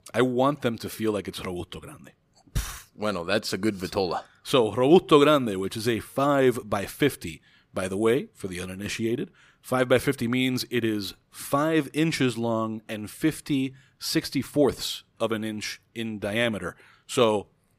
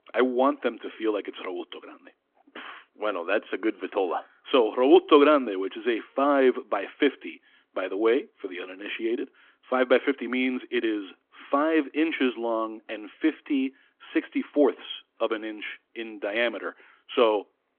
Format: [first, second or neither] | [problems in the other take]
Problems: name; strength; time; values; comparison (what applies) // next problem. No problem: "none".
first | phone-call audio; nothing above 3.5 kHz